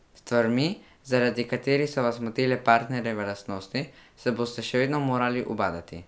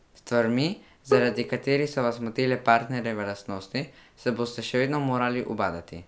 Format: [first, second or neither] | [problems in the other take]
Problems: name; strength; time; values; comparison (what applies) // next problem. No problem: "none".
first | background sound (Bowed string instrument); 5 dB below the speech